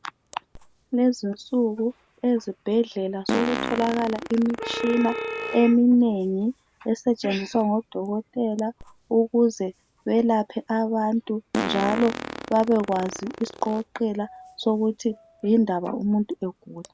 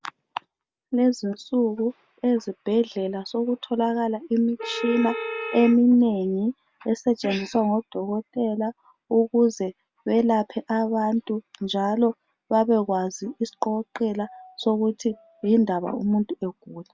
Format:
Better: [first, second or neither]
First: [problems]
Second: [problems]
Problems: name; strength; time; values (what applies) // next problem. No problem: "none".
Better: second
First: background sound (Fart); 13 dB below the speech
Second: none